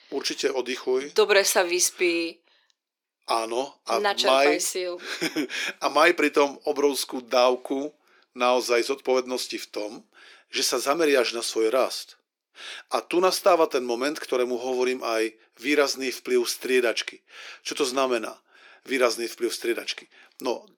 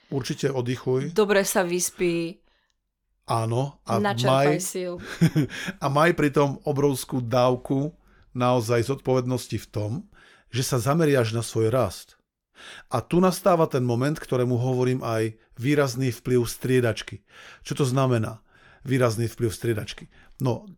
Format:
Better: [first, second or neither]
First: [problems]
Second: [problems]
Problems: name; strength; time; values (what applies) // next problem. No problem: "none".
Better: second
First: thin; somewhat; fading below 300 Hz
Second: none